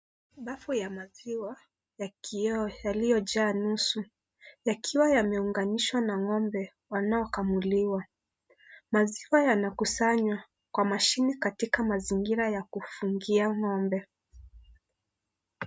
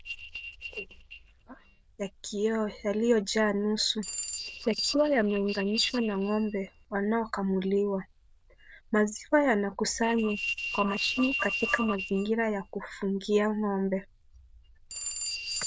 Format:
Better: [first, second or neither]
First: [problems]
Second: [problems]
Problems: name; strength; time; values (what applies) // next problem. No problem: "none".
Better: first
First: none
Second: noise reduction (neural diffusion model UNIVERSE++)